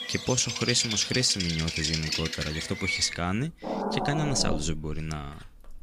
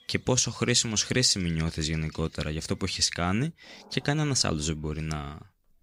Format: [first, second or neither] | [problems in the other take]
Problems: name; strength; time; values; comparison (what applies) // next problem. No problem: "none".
second | animal sounds; loud; throughout; 3 dB below the speech; faint in the second